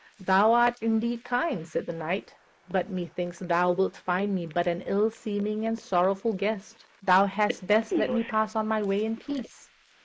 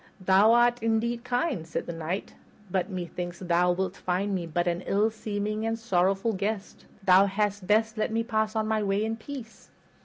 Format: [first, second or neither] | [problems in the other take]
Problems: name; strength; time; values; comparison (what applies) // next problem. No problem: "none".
second | noise reduction (neural mask model Resemble Enhance denoiser)